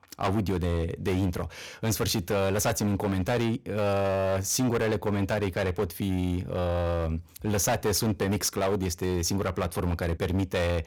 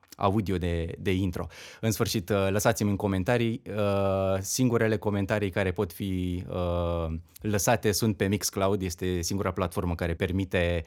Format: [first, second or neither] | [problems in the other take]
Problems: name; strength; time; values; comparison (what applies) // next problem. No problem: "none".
second | distortion; heavy; 14% of the sound clipped